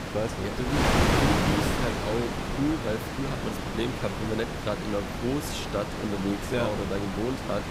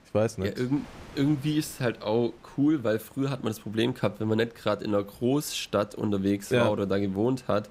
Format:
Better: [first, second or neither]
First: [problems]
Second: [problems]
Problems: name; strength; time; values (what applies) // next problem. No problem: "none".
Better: second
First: wind noise on the microphone; heavy; 3 dB above the speech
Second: wind noise on the microphone; occasional gusts; 25 dB below the speech